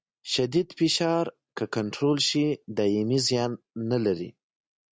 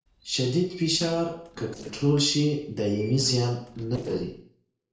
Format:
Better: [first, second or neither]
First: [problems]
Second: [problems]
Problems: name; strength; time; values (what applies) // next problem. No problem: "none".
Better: first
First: none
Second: noise reduction (neural separator model SepFormer DNS4)